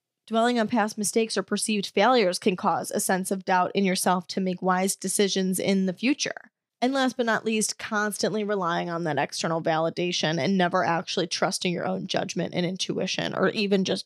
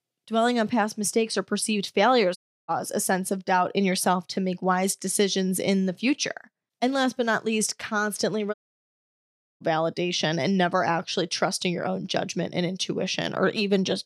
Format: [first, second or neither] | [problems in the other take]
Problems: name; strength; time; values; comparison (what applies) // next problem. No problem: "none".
first | audio cutting out; at 2.5 s and at 8.5 s for 1 s